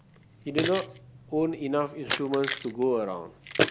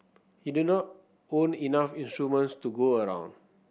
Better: second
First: background sound (Keys jangling); 4 dB below the speech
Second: none

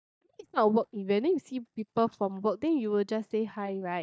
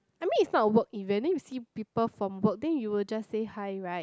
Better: second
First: noise reduction (neural mask model DeepFilterNet 3)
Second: none

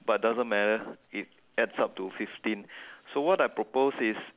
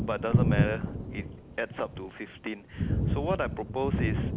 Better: first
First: none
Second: background sound (Thunder); 5 dB above the speech

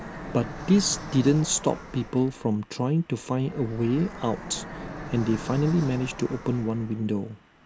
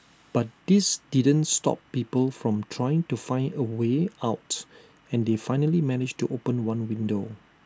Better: second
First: background sound (Fixed-wing aircraft, airplane); 13 dB below the speech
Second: none

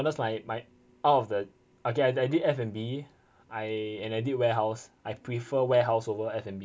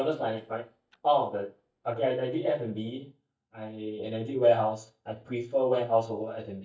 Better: first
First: none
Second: noise reduction (neural mask model DeepFilterNet 3)

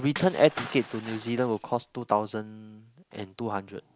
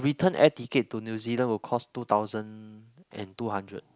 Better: second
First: background sound (Shatter / Crushing); 13 dB below the speech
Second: none

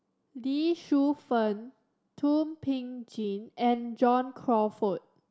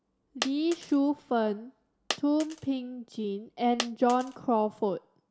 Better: first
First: none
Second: background sound (Coin (dropping)); 13 dB below the speech

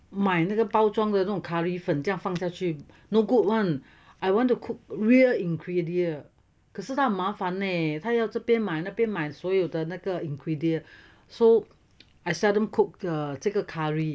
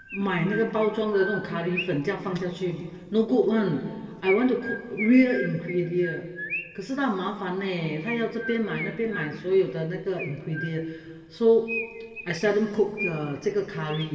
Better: first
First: none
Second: background sound (Chirp, tweet); 13 dB below the speech // room echo; dies away in 2 s

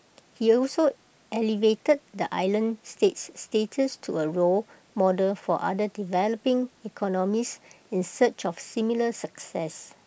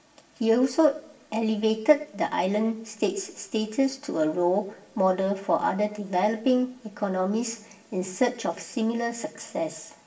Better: first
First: none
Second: room echo; dies away in 0.6 s

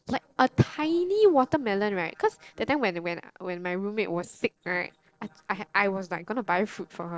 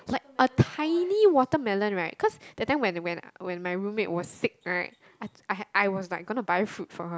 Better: second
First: noise reduction (neural separator model SepFormer DNS4)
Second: none

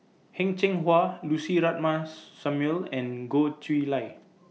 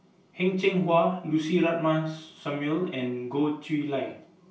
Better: first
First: none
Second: room echo; dies away in 0.3 s

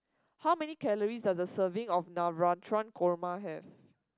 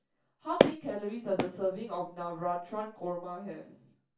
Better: first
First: none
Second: background sound (Walk, footsteps); 3 dB above the speech // room echo; dies away in 0.3 s

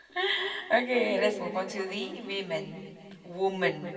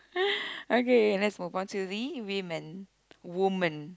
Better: second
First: room echo; dies away in 2.6 s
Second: none

